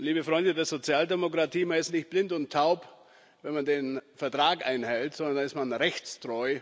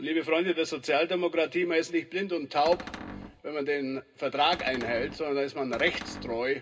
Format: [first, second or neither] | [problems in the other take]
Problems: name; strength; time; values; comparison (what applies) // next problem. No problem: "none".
first | background sound (Cupboard open or close); 12 dB below the speech // room echo; dies away in 0.2 s